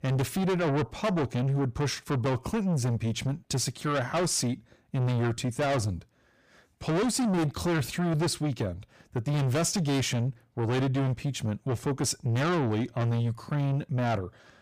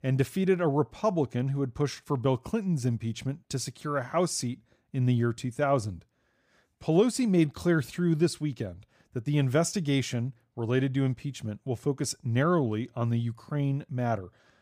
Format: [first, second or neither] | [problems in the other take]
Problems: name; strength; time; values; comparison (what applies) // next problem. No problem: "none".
second | distortion; heavy; 6 dB below the speech